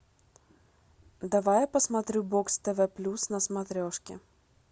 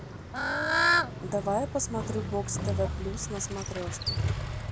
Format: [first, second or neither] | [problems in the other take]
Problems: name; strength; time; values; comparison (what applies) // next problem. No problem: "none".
first | background sound (Motorcycle + Bird / Fowl); 4 dB above the speech